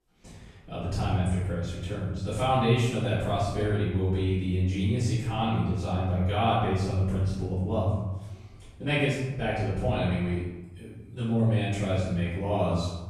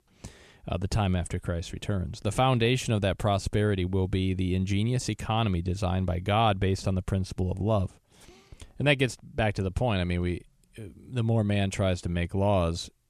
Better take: second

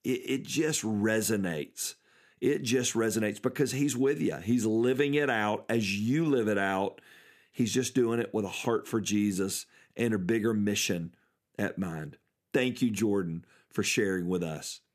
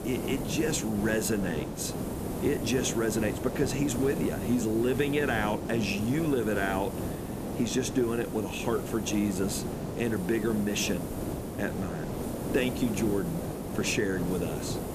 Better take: first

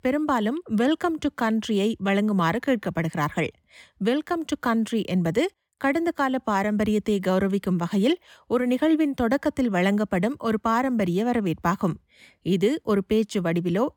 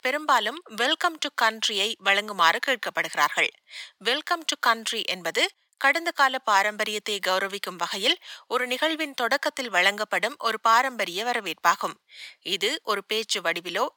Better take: first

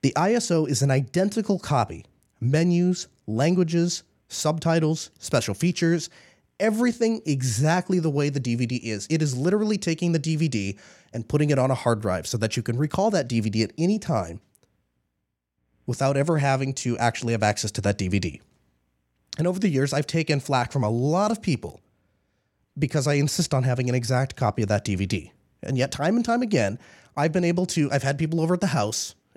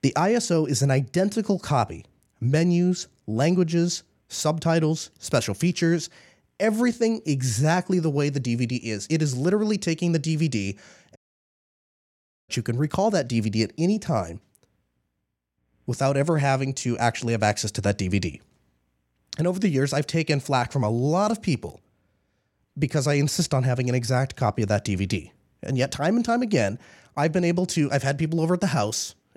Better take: first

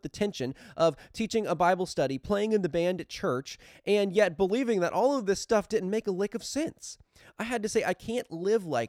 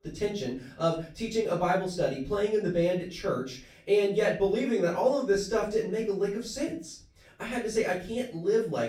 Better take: first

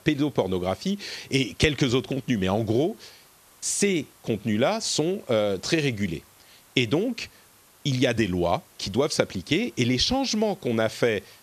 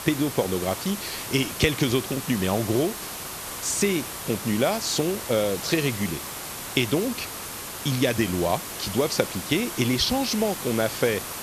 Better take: first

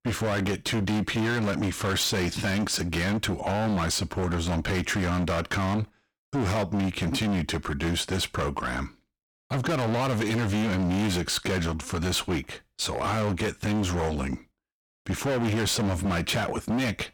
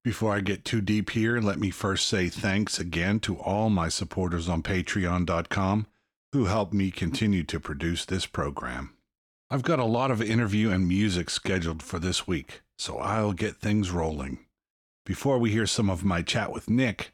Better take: second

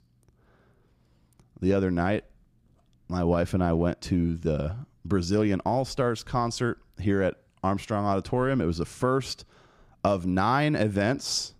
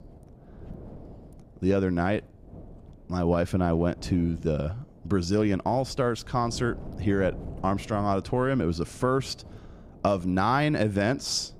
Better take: first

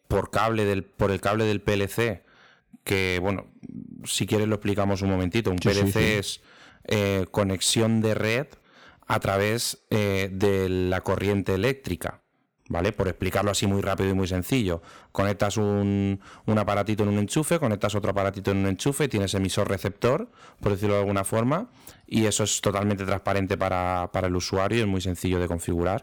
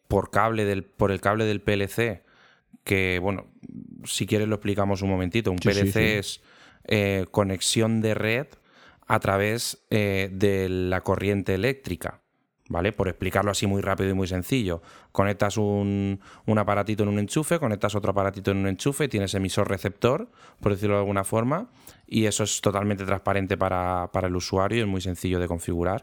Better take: second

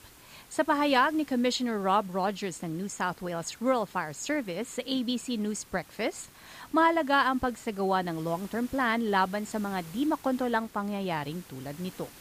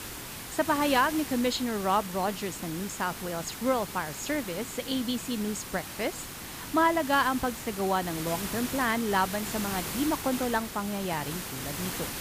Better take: first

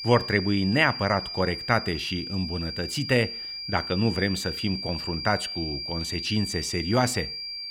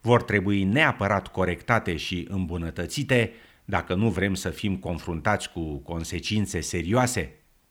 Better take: second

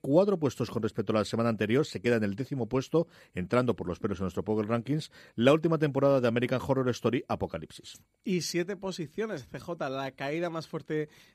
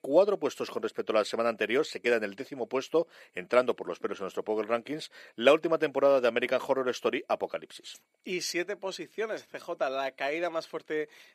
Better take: first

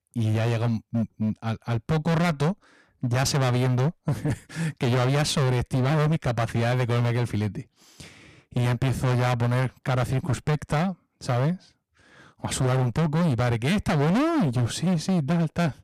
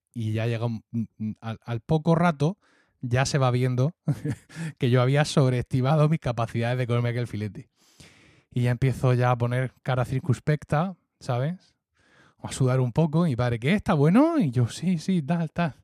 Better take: second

